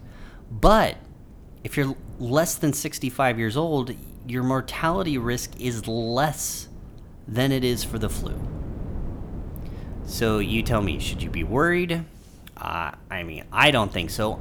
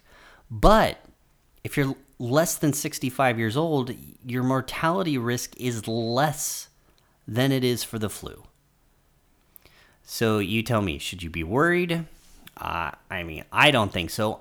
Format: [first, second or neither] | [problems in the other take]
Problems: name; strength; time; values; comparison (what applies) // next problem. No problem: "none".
second | wind noise on the microphone; occasional gusts; 20 dB below the speech